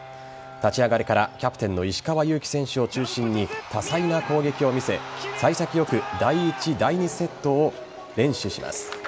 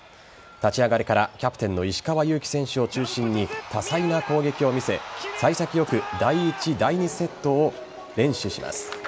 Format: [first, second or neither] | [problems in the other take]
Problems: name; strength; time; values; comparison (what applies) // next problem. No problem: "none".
second | background sound (Bowed string instrument); 20 dB below the speech